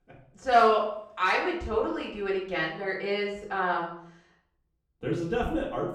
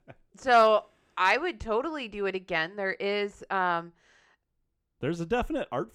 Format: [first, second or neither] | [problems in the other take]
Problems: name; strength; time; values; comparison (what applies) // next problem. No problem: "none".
second | off-mic speech; far // room echo; noticeable; dies away in 0.6 s